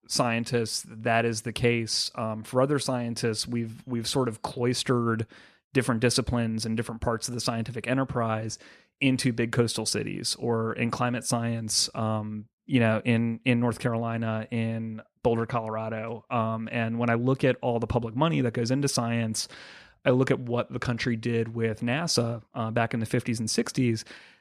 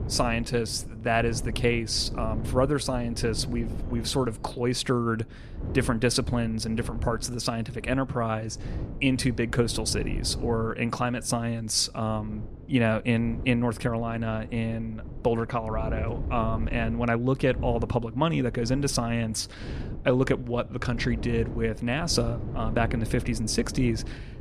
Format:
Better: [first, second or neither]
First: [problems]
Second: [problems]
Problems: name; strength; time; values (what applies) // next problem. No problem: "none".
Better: first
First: none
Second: wind noise on the microphone; occasional gusts; 15 dB below the speech